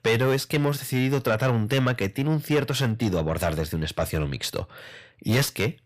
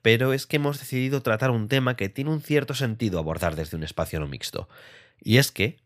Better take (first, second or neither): second